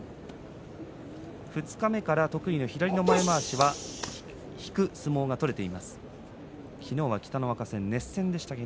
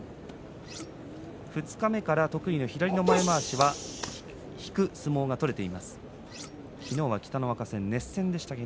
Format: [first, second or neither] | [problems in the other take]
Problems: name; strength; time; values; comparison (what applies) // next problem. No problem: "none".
first | background sound (Cutlery, silverware); 19 dB below the speech